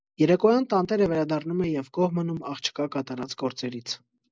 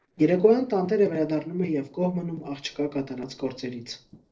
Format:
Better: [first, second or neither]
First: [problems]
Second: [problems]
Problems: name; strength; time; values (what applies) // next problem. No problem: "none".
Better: first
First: none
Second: noise reduction (neural separator model SepFormer DNS4)